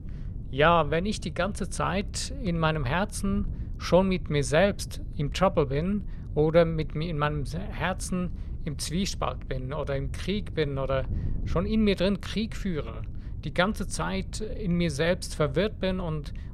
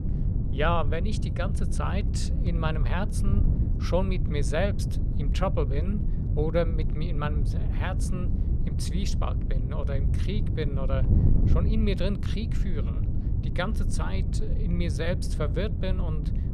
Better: first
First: wind noise on the microphone; occasional gusts; 25 dB below the speech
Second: wind noise on the microphone; heavy; 8 dB below the speech

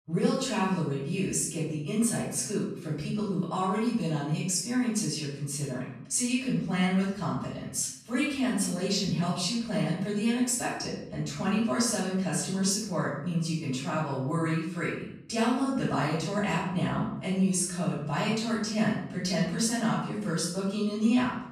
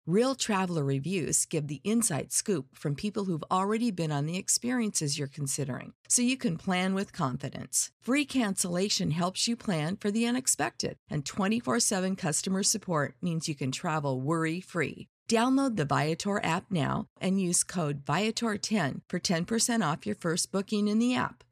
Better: second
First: off-mic speech; far // room echo; noticeable; dies away in 0.6 s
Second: none

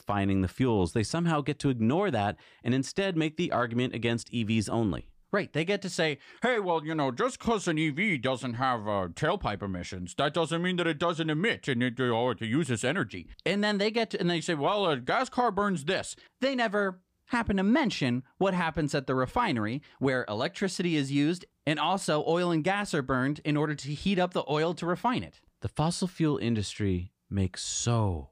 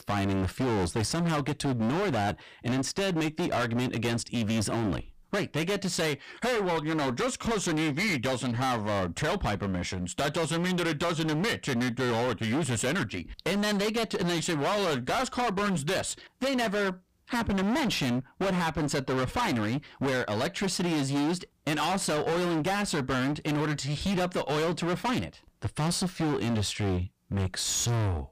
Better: first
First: none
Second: distortion; heavy; 32% of the sound clipped

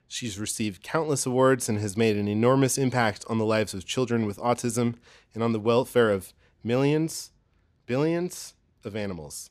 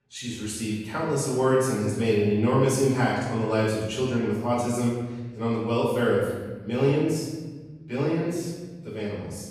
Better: first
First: none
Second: off-mic speech; far // room echo; strong; dies away in 1.4 s

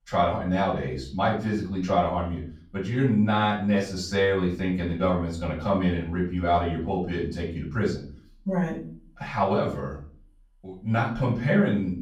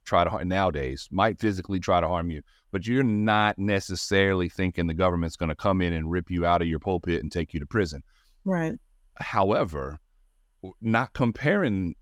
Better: second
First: room echo; slight; dies away in 0.4 s // off-mic speech; far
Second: none

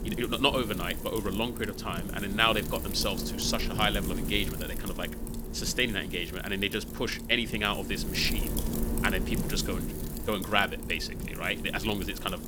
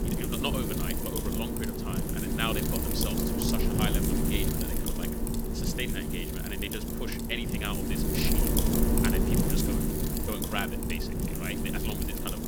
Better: first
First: wind noise on the microphone; occasional gusts; 10 dB below the speech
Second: wind noise on the microphone; heavy; 1 dB above the speech

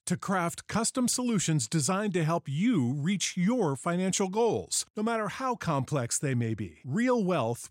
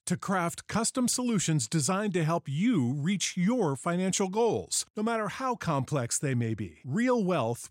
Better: neither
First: none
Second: none

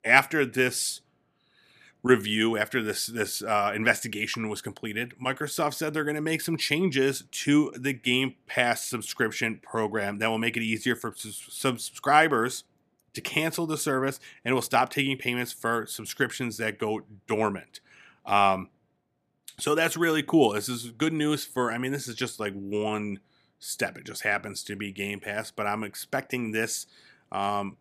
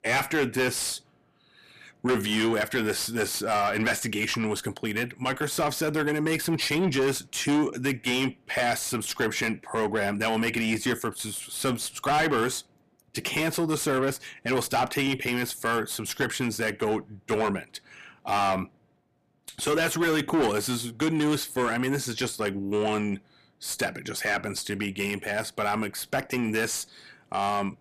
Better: first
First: none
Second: distortion; heavy; 6 dB below the speech

